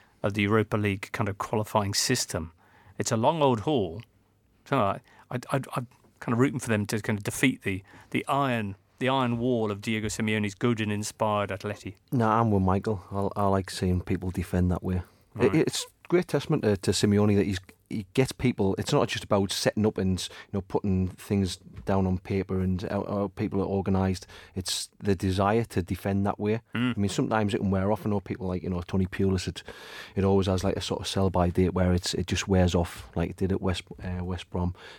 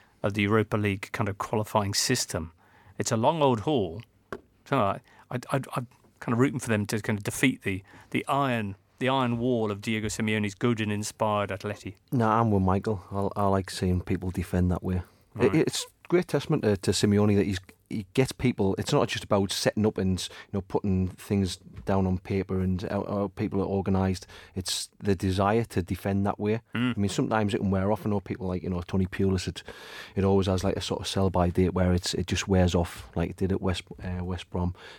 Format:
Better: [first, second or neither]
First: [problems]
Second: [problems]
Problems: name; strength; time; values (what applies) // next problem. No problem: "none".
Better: first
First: none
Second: door banging; faint; at 4.5 s; peak 15 dB below the speech